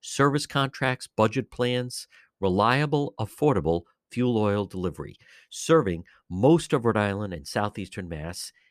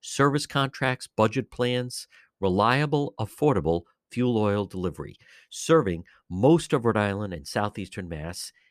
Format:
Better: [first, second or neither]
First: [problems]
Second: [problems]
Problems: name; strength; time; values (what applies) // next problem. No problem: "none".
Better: neither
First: none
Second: none